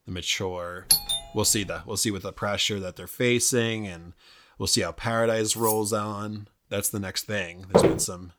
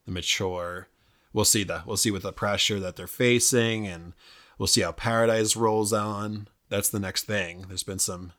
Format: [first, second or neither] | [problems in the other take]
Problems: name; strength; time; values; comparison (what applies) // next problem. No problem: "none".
second | doorbell; loud; at 1 s; peak 5 dB above the speech // clattering dishes; noticeable; at 5.5 s; peak 4 dB below the speech // footsteps; loud; at 7.5 s; peak 5 dB above the speech